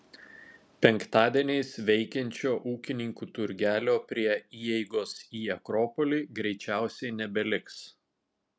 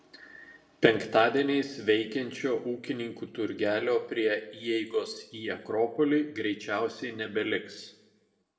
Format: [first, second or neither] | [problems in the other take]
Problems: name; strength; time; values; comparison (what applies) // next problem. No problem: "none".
first | room echo; dies away in 0.6 s